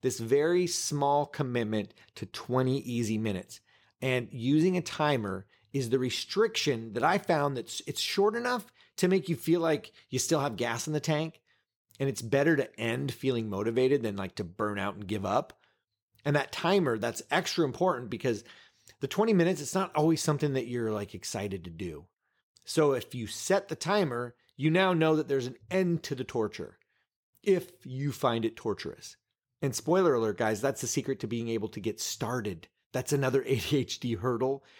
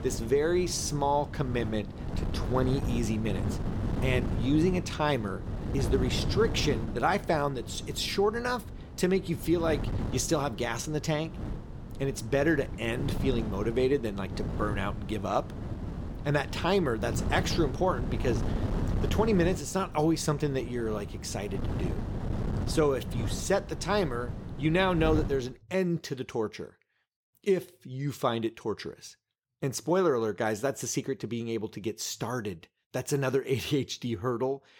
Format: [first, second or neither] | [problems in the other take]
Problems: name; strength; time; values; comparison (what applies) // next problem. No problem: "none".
first | wind noise on the microphone; occasional gusts; until 25 s; 10 dB below the speech